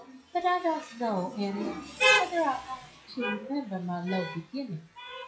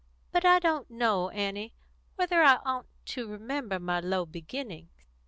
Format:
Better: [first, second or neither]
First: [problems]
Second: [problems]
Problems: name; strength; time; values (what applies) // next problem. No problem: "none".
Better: second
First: noise reduction (classical method WPE with log-MMSE)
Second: none